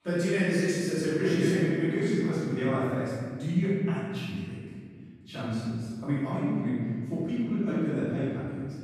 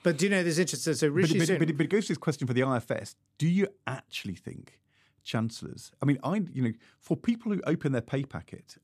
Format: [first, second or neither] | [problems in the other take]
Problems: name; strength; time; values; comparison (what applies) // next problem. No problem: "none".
second | off-mic speech; far // room echo; strong; dies away in 2.1 s